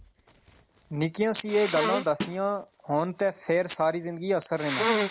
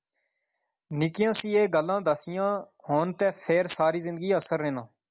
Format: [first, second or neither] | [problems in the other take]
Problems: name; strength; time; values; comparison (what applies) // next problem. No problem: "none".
second | background sound (Sneeze + Snare drum); 5 dB below the speech